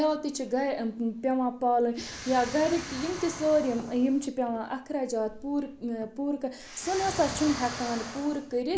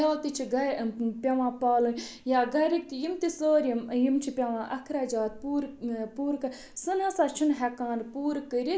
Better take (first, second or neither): second